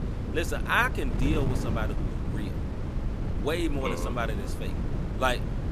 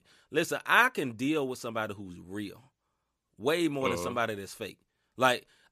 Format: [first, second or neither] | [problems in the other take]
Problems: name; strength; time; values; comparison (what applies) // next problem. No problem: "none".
second | wind noise on the microphone; occasional gusts; 10 dB below the speech